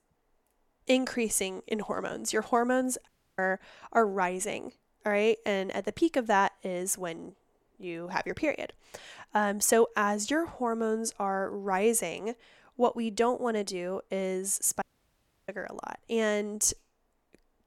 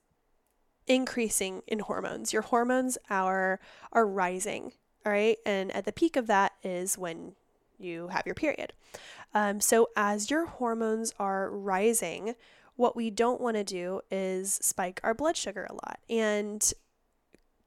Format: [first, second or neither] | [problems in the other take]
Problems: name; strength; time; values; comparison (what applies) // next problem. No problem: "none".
second | audio cutting out; at 3 s and at 15 s for 0.5 s